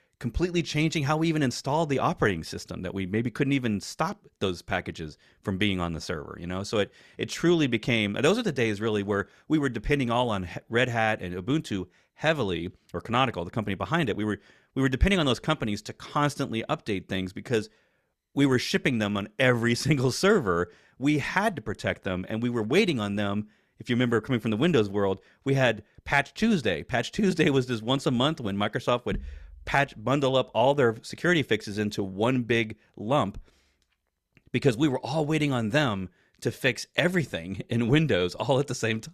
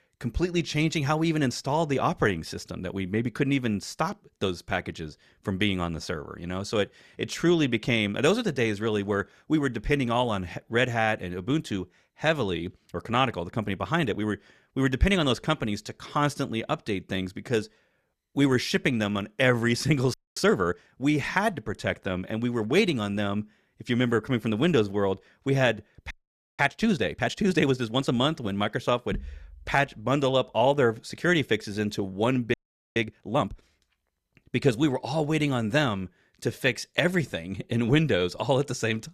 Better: first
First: none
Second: audio freezing; at 20 s, at 26 s and at 33 s

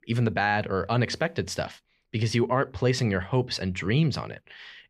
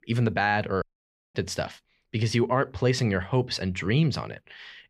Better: first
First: none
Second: audio cutting out; at 1 s for 0.5 s

